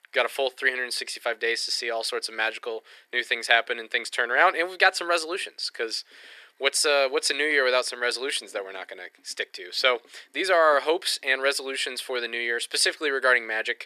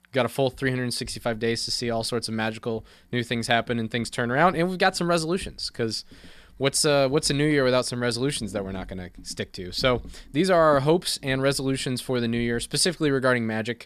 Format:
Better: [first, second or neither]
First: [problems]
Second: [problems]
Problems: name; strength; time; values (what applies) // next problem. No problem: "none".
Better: second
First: thin; very; fading below 400 Hz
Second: none